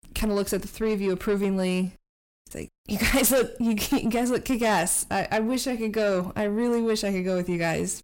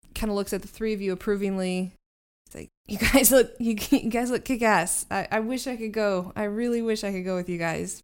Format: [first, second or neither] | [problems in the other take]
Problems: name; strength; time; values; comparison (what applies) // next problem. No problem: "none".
second | distortion; heavy; 7 dB below the speech